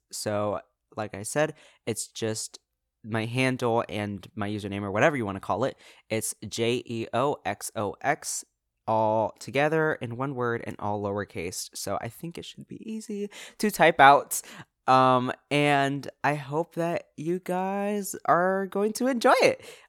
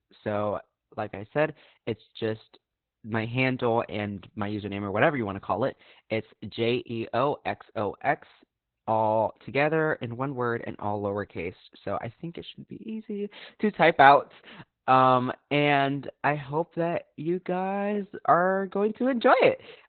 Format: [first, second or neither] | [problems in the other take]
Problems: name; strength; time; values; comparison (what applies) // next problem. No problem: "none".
first | garbled, watery; badly; nothing above 4 kHz